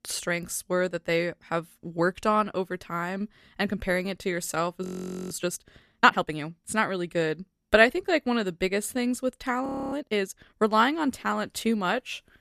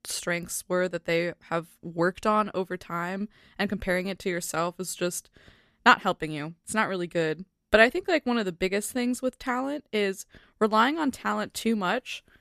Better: second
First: audio freezing; at 5 s and at 9.5 s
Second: none

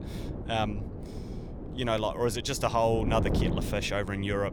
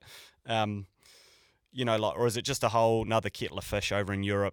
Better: second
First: wind noise on the microphone; occasional gusts; 10 dB below the speech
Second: none

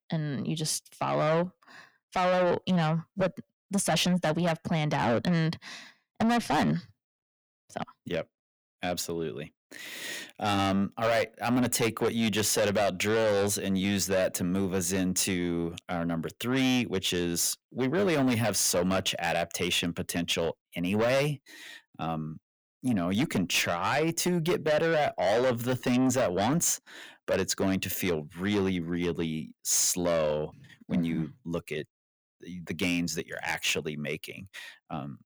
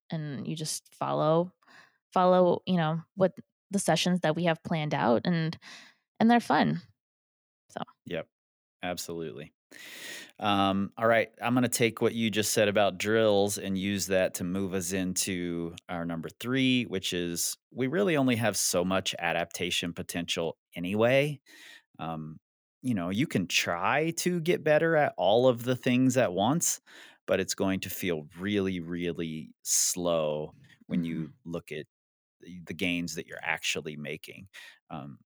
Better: second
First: distortion; heavy; 7 dB below the speech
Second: none

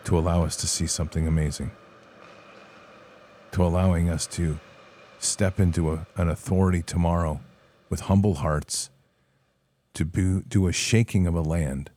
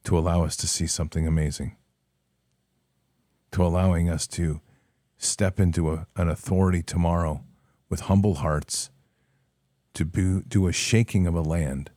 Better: second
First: hiss; faint; throughout; 25 dB below the speech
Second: none

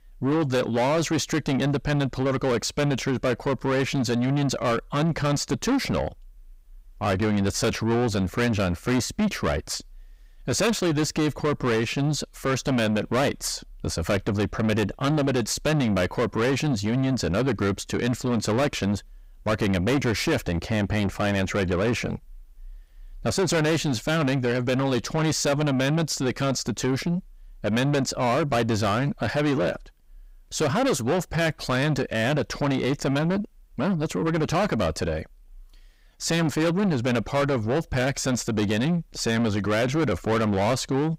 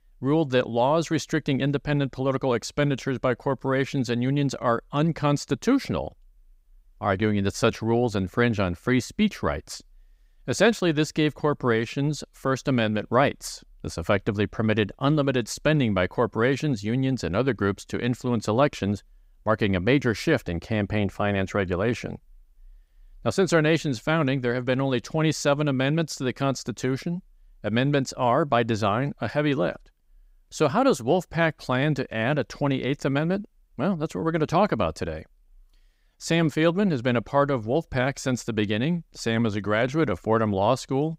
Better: second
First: distortion; heavy; 6 dB below the speech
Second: none

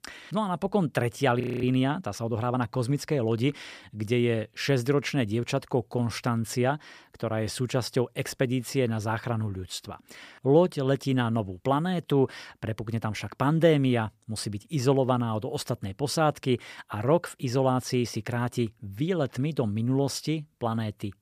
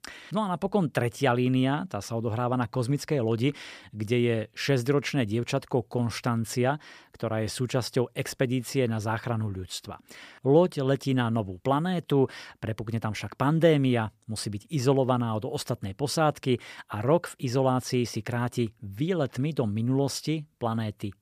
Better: second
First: audio freezing; at 1.5 s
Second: none

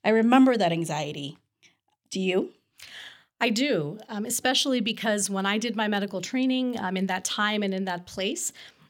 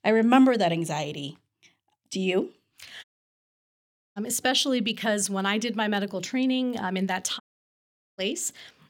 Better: first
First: none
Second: audio cutting out; at 3 s for 1 s and at 7.5 s for 1 s

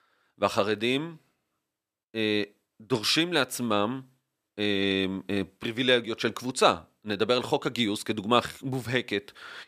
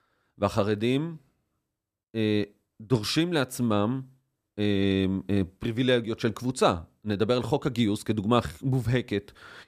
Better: second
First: thin; very slightly; fading below 850 Hz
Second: none

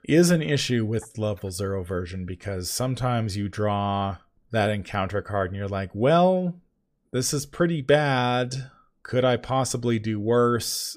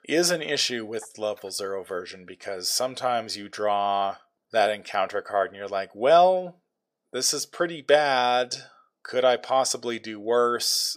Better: first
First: none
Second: thin; very; fading below 450 Hz

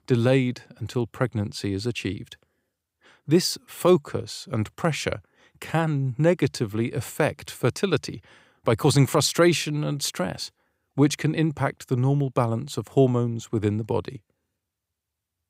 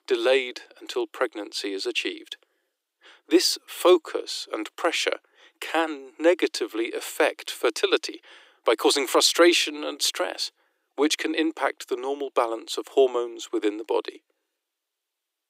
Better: first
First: none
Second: thin; very; fading below 300 Hz

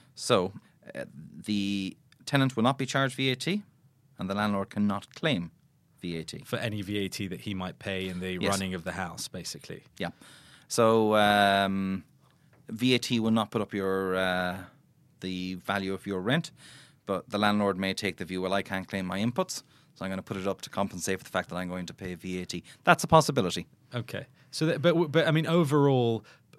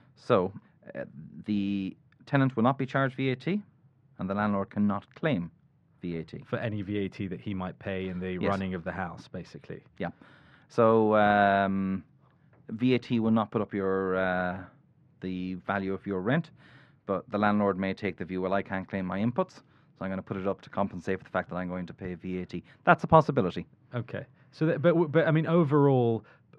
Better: first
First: none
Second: muffled; very; fading above 2 kHz

